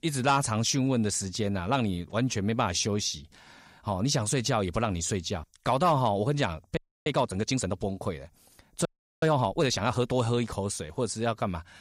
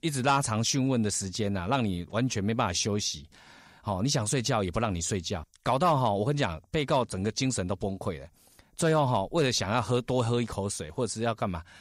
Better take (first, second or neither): second